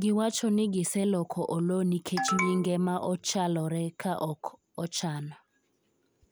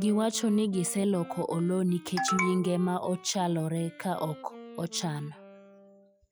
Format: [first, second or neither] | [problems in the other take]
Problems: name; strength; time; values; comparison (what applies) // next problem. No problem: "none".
first | noise reduction (classical method log-MMSE)